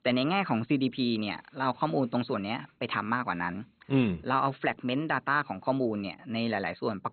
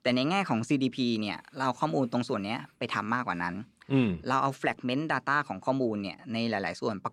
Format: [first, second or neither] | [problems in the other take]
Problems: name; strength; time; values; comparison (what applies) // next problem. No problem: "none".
second | garbled, watery; badly; nothing above 4 kHz